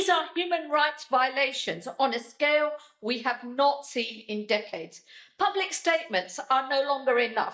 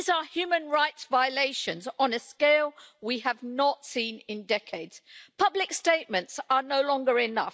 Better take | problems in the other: second | noise reduction (neural mask model DeepFilterNet 3)

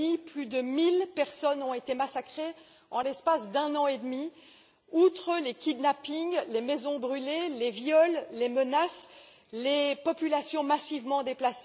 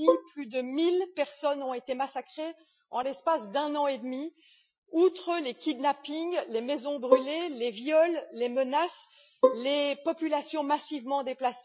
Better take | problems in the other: first | noise reduction (classical method Wiener filter)

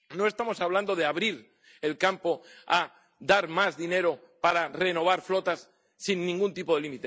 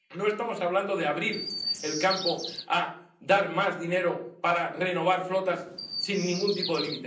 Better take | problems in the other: first | background sound (Chirp, tweet); 10 dB below the speech // room echo; dies away in 0.6 s

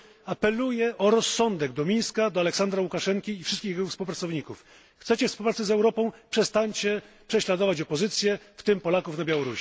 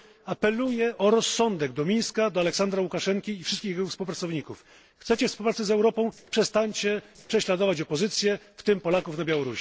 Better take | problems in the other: first | noise reduction (neural separator model SepFormer DNS4)

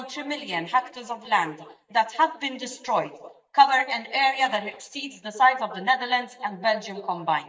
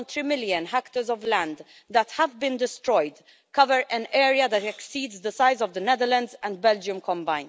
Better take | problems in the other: second | noise reduction (neural mask model DeepFilterNet 3)

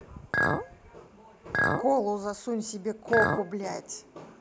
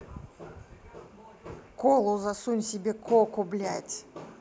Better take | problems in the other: second | background sound (Chink, clink); 1 dB above the speech

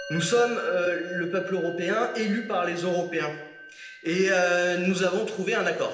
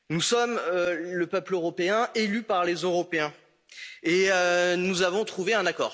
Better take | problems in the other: second | background sound (Musical instrument); 15 dB below the speech // room echo; dies away in 0.8 s

